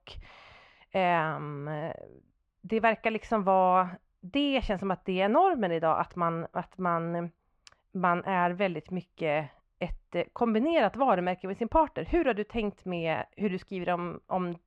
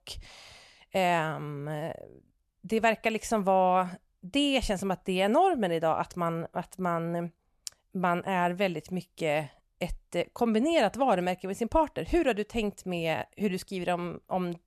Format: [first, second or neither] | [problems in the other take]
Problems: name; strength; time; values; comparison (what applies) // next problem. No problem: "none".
second | muffled; slightly; fading above 2.5 kHz